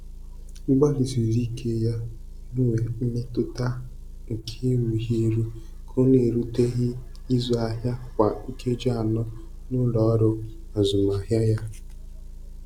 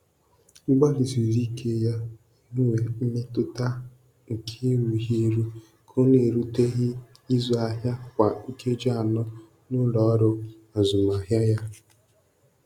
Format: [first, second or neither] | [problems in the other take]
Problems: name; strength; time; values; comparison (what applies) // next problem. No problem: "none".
second | background sound (Motor vehicle (road) / Engine); 13 dB below the speech